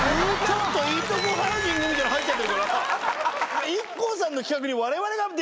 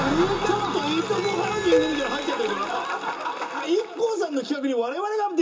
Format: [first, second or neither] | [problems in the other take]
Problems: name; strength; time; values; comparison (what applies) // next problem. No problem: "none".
first | background sound (Cowbell); 5 dB below the speech // room echo; dies away in 0.2 s